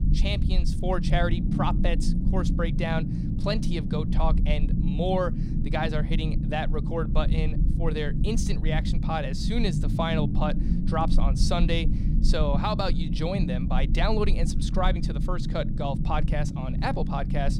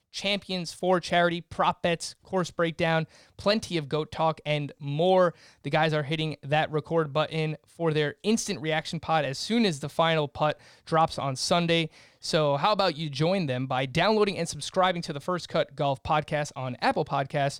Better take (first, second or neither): second